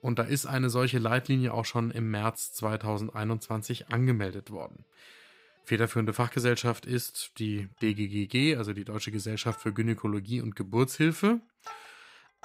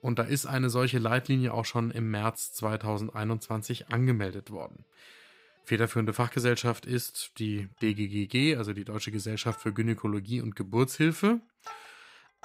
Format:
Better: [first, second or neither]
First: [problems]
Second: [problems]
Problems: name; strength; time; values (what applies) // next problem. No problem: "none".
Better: neither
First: background music; faint; throughout; 25 dB below the speech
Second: background music; faint; throughout; 25 dB below the speech